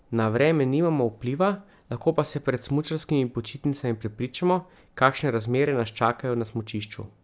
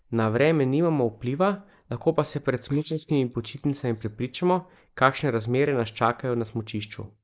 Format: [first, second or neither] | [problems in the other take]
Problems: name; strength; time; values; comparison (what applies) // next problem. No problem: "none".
first | noise reduction (neural mask model Resemble Enhance denoiser)